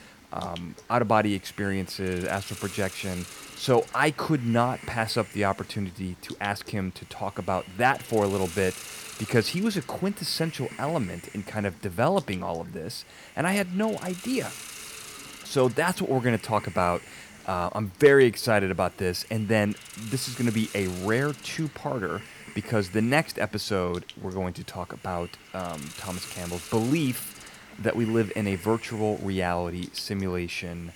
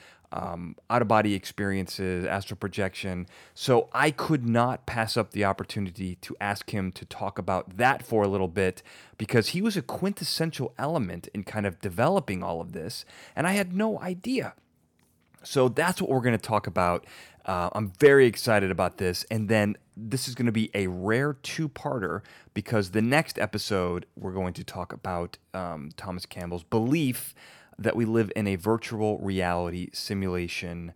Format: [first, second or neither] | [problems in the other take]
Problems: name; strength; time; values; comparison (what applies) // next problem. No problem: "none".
second | hiss; noticeable; throughout; 15 dB below the speech